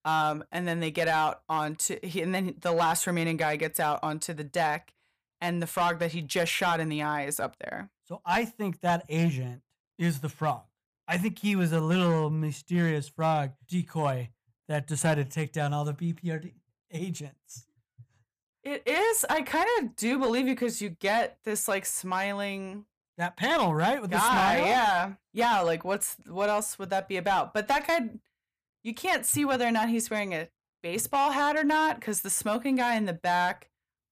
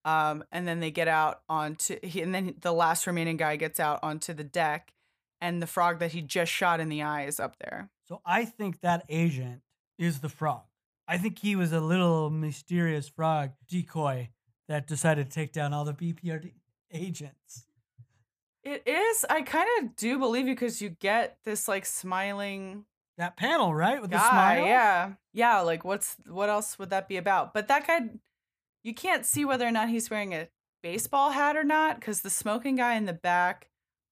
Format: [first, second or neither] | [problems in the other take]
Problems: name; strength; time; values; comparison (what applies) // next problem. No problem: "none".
second | distortion; slight; 5% of the sound clipped